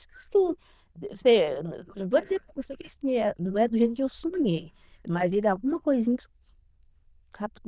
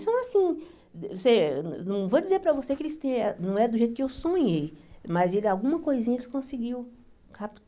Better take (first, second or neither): second